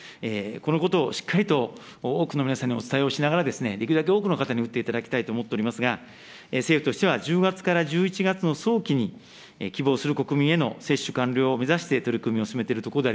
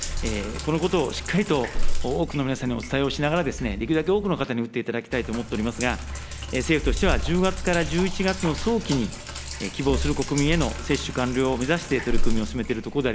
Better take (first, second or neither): first